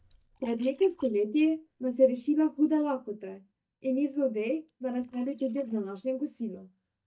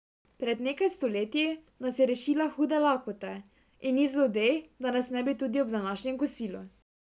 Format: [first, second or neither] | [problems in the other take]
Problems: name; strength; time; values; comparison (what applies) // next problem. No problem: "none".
second | noise reduction (neural mask model DeepFilterNet 3)